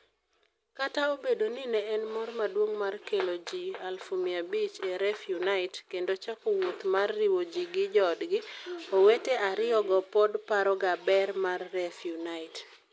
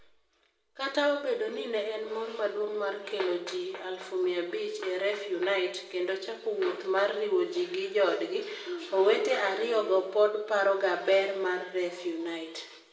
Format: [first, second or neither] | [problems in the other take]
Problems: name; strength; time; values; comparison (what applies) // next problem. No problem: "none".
first | background sound (Animal); 18 dB below the speech // room echo; dies away in 0.8 s